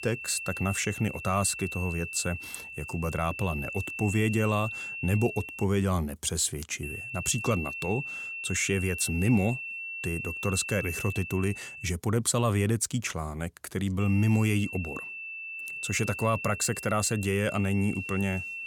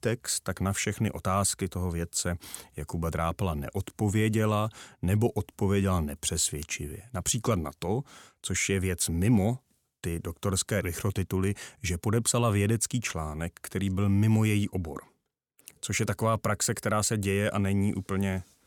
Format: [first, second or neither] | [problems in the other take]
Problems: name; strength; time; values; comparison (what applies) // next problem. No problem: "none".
second | high-pitched whine; loud; until 5.5 s, from 7 to 12 s and from 14 s on; 2.5 kHz, 7 dB below the speech